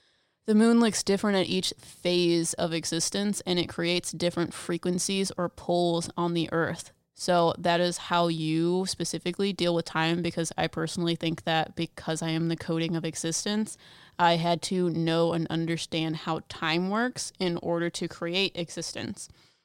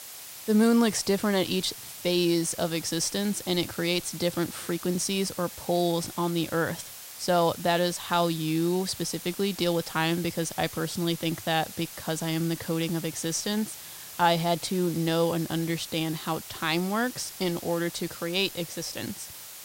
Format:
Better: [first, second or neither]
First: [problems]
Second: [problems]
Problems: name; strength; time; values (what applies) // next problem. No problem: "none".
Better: first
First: none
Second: hiss; noticeable; throughout; 10 dB below the speech